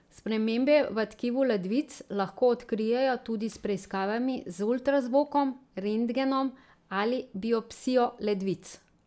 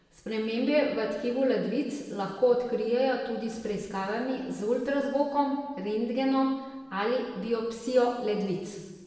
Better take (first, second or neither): first